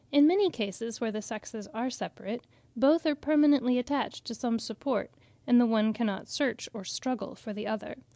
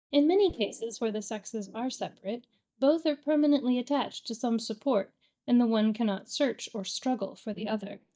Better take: first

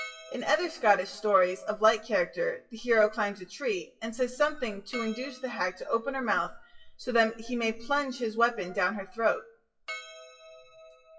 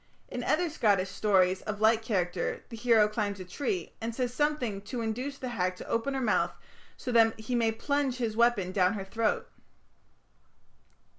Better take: second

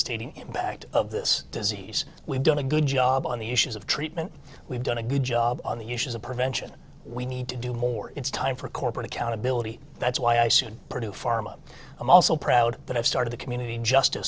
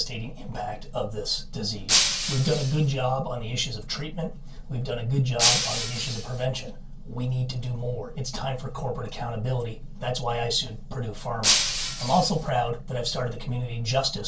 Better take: first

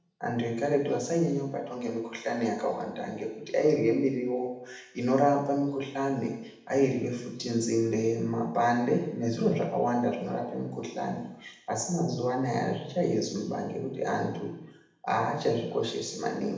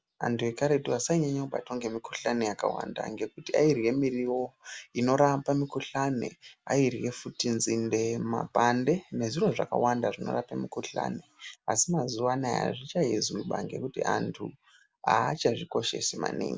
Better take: second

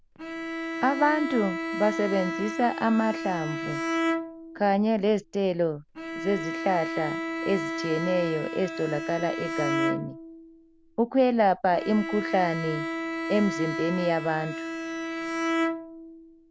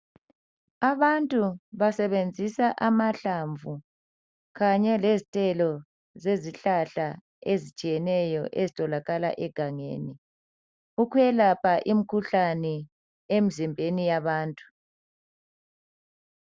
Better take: second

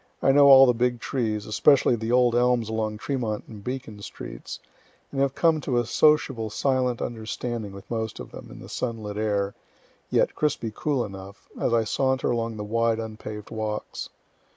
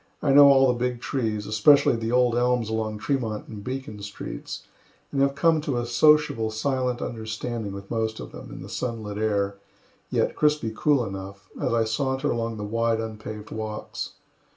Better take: first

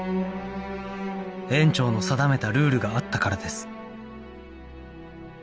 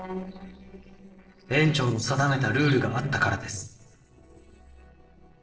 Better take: first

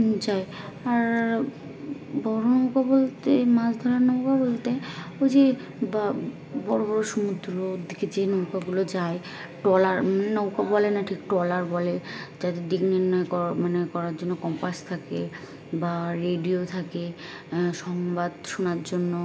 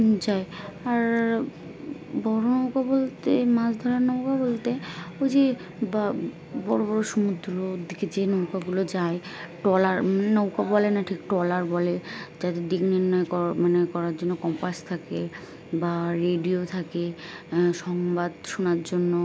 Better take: second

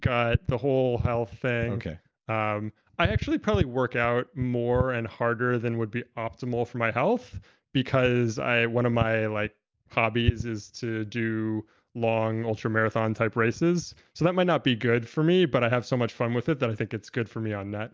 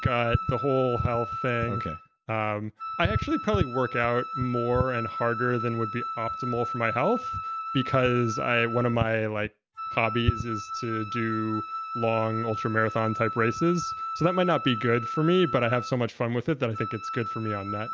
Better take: first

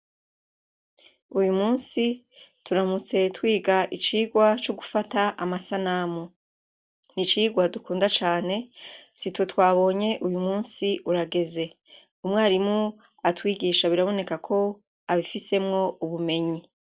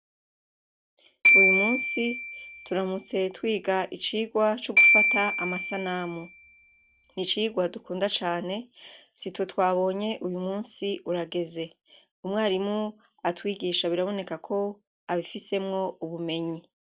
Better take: first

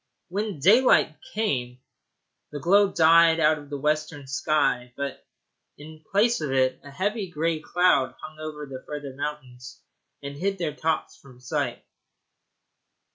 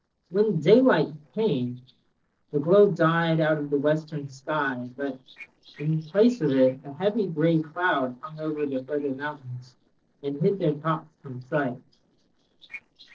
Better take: first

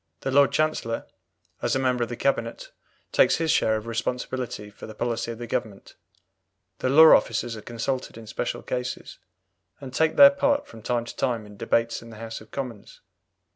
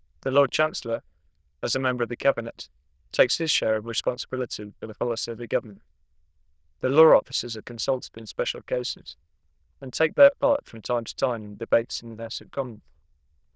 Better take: first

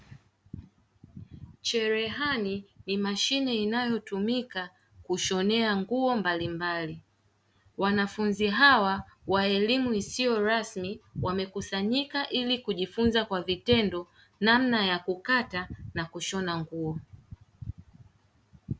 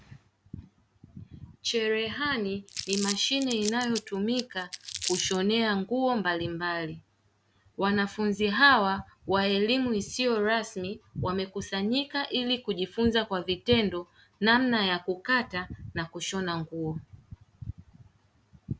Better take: first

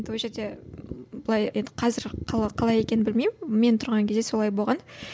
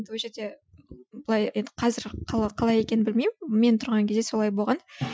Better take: first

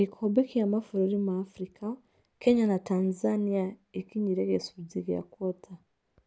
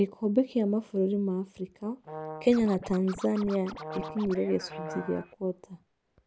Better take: first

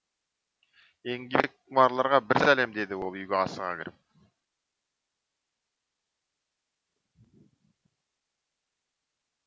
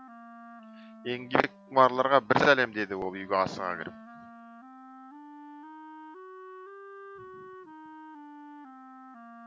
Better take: first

